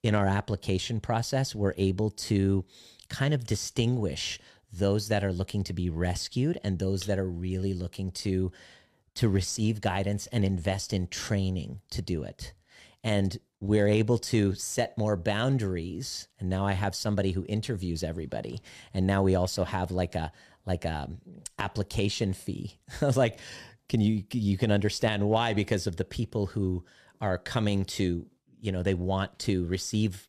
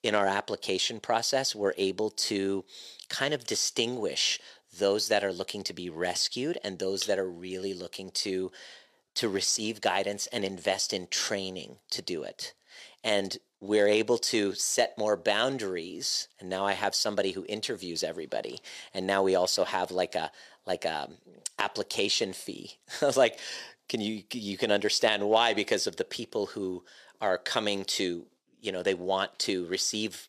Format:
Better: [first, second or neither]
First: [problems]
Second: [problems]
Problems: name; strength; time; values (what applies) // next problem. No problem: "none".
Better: first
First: none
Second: thin; somewhat; fading below 450 Hz